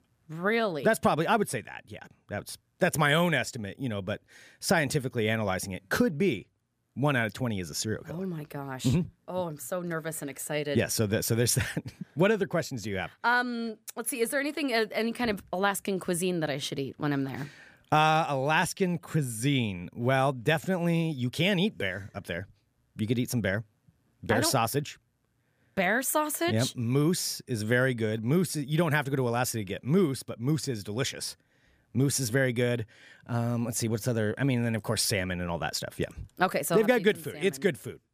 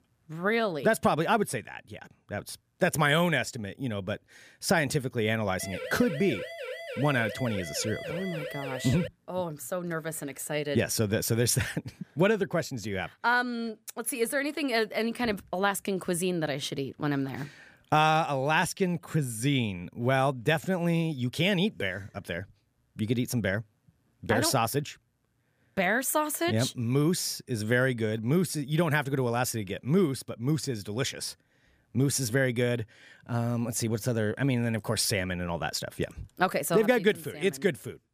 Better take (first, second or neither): first